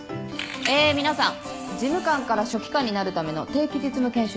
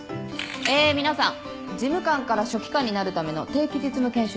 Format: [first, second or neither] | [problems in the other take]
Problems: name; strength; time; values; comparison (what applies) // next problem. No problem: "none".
second | background sound (Fart); 16 dB below the speech